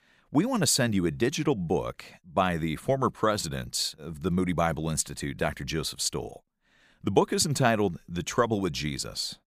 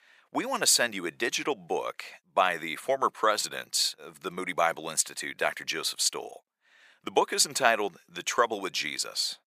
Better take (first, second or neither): first